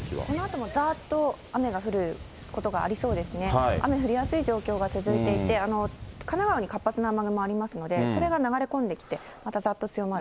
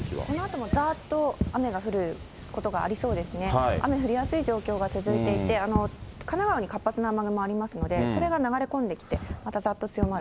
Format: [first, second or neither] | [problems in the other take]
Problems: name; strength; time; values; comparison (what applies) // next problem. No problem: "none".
first | background sound (Fireworks); 10 dB below the speech